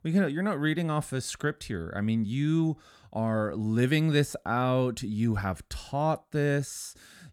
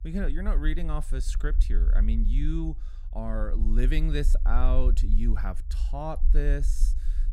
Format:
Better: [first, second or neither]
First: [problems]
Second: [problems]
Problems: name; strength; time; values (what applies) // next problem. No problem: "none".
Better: first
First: none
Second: low rumble; noticeable; throughout; 15 dB below the speech